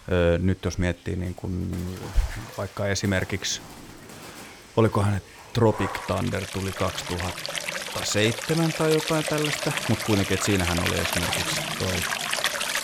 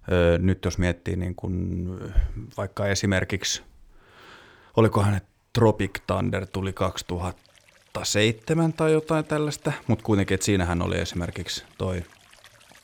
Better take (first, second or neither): second